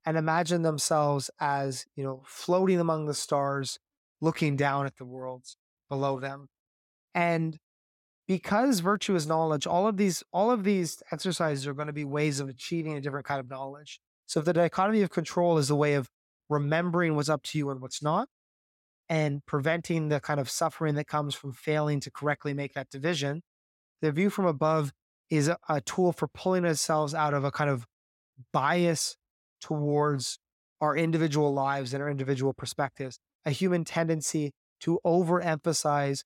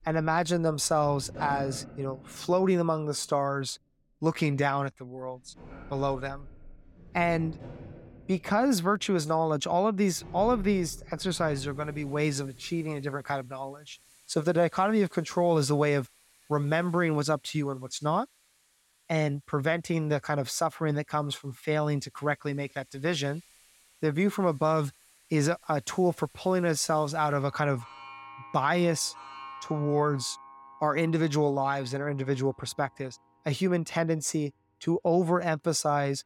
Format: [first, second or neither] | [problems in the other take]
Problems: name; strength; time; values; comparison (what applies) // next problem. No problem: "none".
first | household noises; faint; throughout; 20 dB below the speech